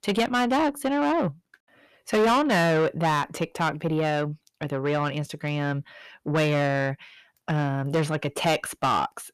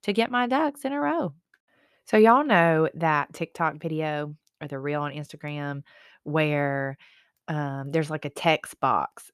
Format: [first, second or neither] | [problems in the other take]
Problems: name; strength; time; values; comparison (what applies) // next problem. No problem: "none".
second | distortion; heavy; 6 dB below the speech